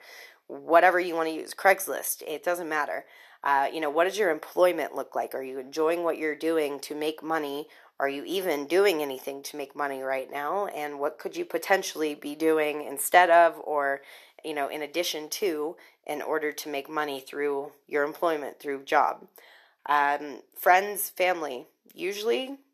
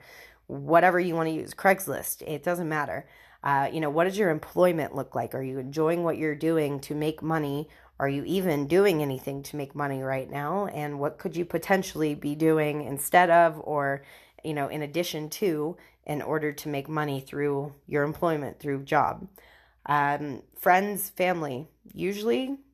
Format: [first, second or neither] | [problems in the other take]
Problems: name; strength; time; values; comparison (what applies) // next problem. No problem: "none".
second | thin; somewhat; fading below 350 Hz